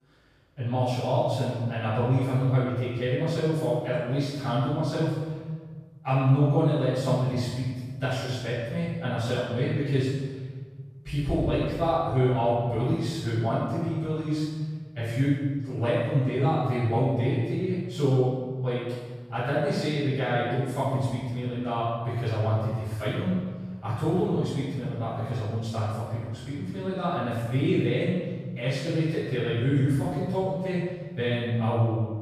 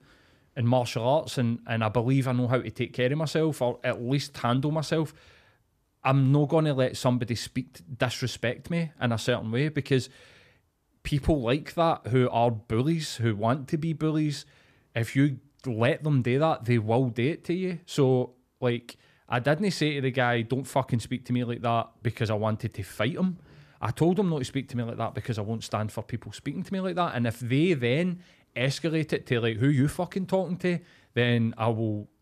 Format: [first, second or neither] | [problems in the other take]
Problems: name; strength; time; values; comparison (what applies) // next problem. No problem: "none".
second | room echo; strong; dies away in 1.5 s // off-mic speech; far